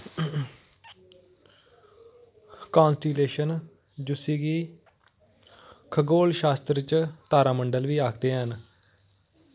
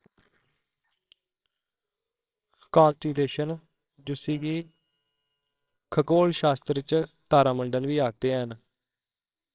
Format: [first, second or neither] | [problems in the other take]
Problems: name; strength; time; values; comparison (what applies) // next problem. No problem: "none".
first | noise reduction (neural separator model SepFormer WHAMR!)